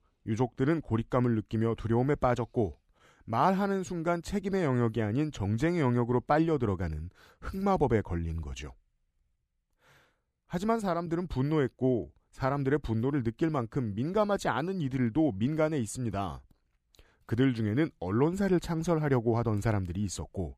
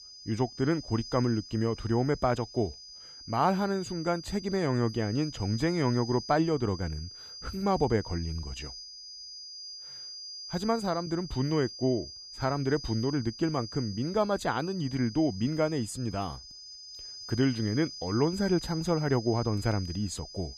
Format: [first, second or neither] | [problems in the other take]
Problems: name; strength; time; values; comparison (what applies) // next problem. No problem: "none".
first | high-pitched whine; noticeable; throughout; 5 kHz, 10 dB below the speech